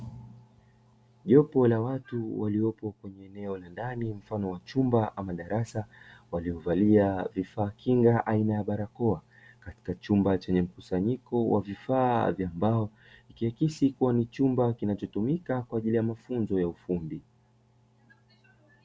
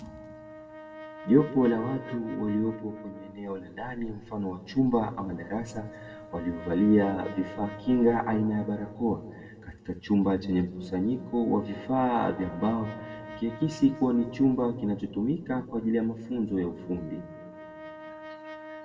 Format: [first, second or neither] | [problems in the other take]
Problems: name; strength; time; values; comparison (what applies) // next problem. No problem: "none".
first | background sound (Brass instrument); 17 dB below the speech // room echo; dies away in 1.4 s